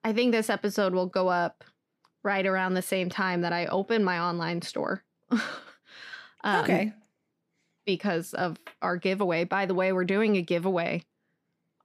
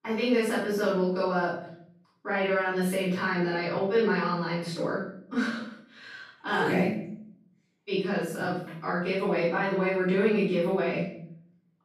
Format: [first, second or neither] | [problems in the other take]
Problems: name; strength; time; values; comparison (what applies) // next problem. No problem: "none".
first | off-mic speech; far // room echo; noticeable; dies away in 0.6 s